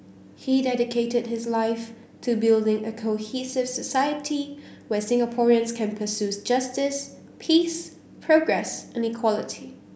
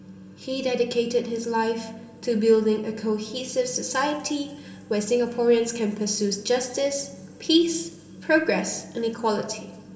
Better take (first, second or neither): first